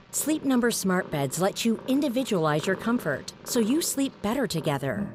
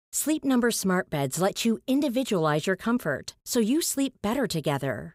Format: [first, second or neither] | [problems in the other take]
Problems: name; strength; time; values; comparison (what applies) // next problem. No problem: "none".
second | animal sounds; noticeable; throughout; 15 dB below the speech